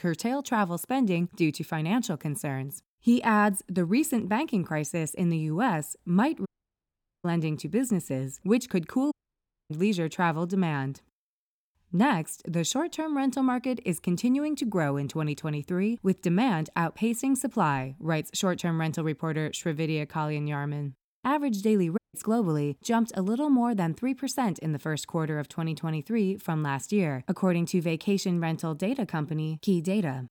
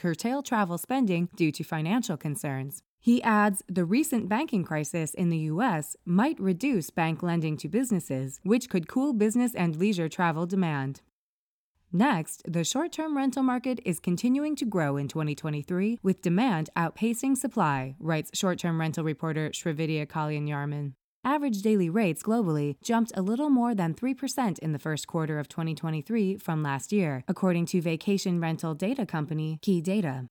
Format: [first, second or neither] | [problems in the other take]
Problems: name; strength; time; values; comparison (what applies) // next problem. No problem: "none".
second | audio cutting out; at 6.5 s for 1 s, at 9 s for 0.5 s and at 22 s